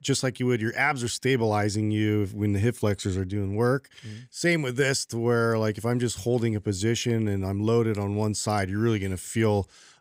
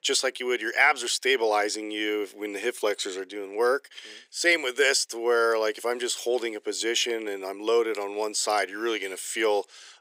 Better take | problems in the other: first | thin; very; fading below 400 Hz

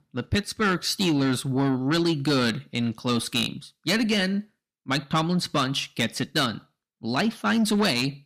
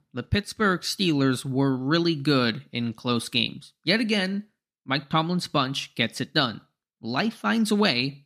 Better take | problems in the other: second | distortion; slight; 10 dB below the speech

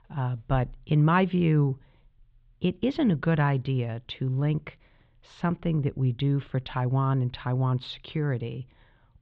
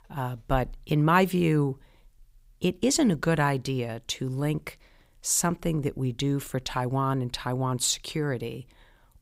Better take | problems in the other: second | muffled; very; fading above 3.5 kHz

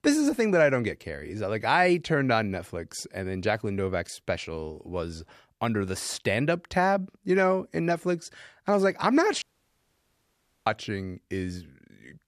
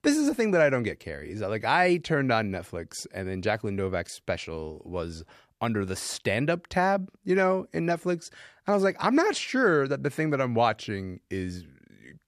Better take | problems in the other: second | audio cutting out; at 9.5 s for 1 s

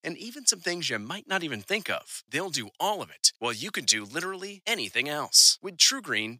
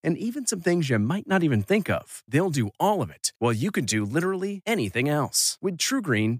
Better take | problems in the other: second | thin; somewhat; fading below 950 Hz

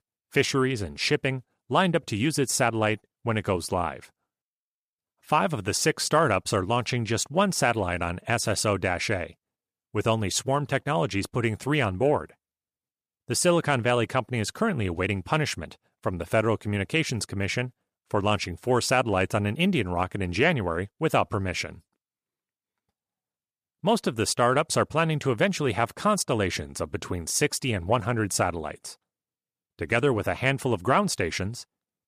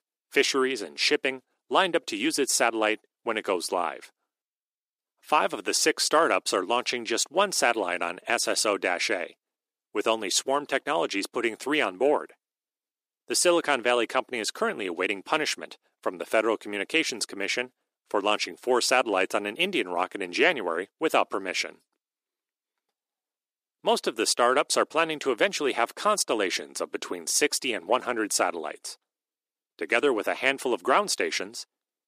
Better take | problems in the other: first | thin; somewhat; fading below 300 Hz

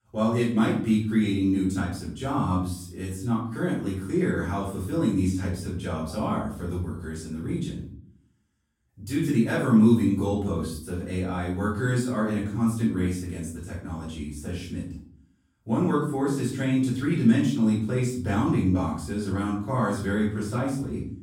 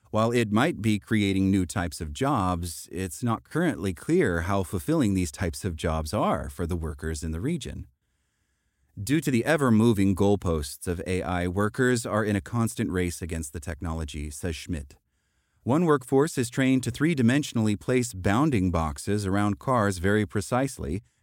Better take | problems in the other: second | off-mic speech; far // room echo; noticeable; dies away in 0.6 s

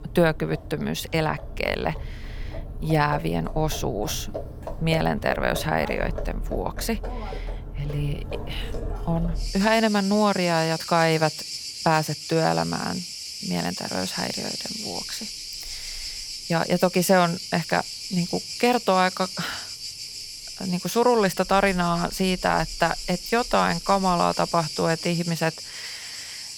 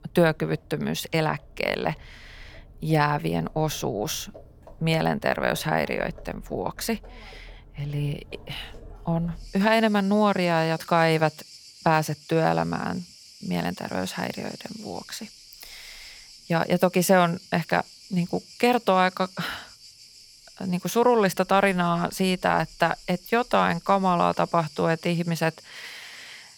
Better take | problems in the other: second | animal sounds; loud; throughout; 9 dB below the speech; faint in the second

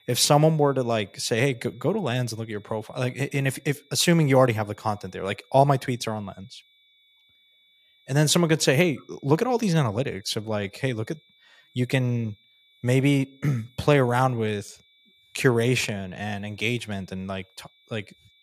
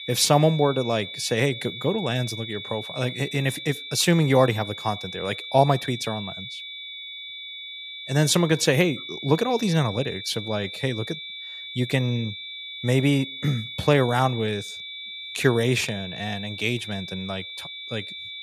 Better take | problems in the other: first | high-pitched whine; loud; throughout; 3.5 kHz, 10 dB below the speech; faint in the first

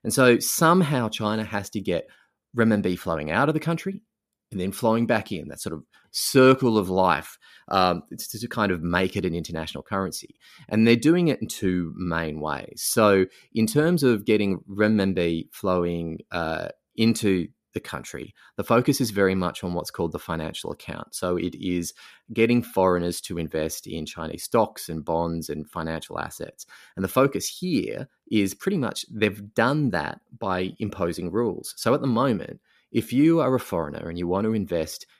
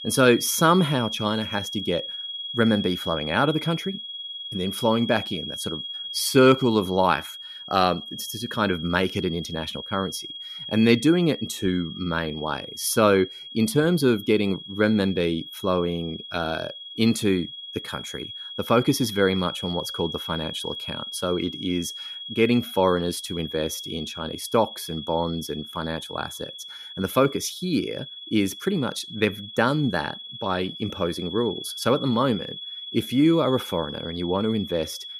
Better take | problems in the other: first | high-pitched whine; loud; throughout; 3.5 kHz, 10 dB below the speech

